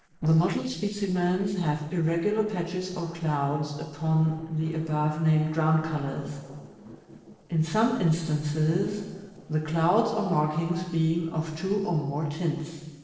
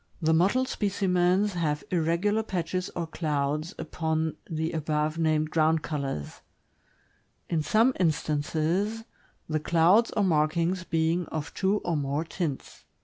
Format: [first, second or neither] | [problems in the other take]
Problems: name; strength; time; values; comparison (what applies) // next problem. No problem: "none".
second | noise reduction (neural separator model SepFormer DNS4)